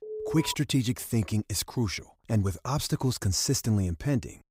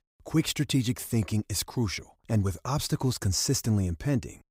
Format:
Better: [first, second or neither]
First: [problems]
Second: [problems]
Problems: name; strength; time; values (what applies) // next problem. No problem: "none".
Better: second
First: alarm; noticeable; at the start; peak 7 dB below the speech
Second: none